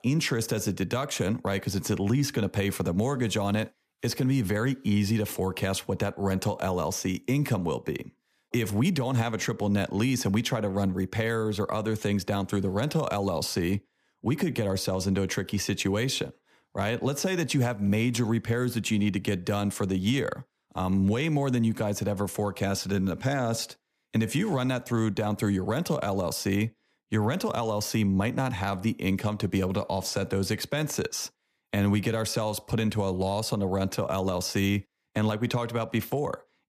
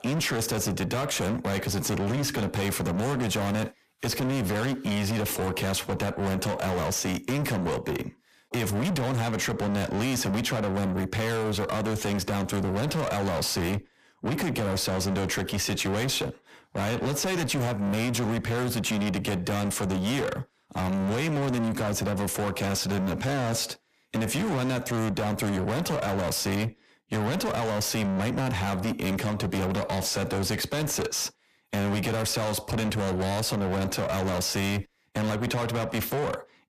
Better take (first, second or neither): first